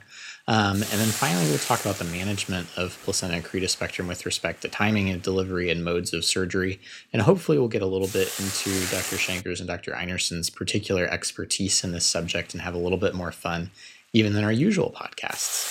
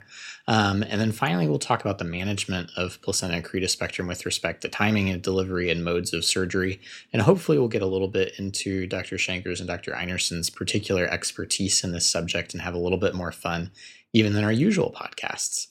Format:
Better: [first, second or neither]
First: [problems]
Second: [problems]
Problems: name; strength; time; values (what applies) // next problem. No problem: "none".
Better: second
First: hiss; loud; until 9.5 s and from 12 s on; 6 dB below the speech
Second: none